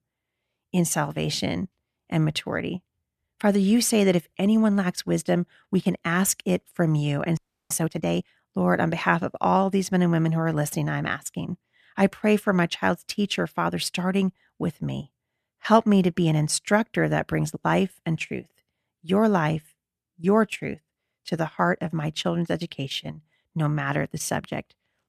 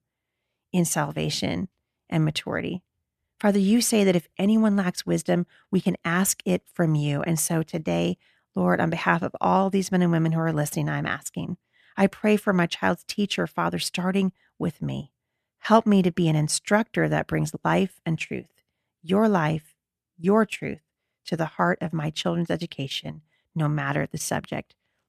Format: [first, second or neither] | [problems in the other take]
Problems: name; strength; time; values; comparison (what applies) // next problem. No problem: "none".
second | audio freezing; at 7.5 s